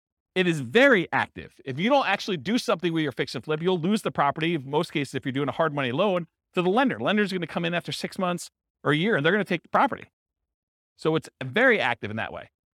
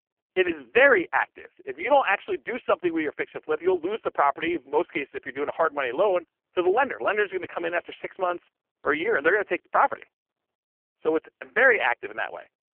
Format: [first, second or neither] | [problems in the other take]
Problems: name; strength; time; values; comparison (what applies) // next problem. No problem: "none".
first | phone-call audio; poor line; nothing above 3 kHz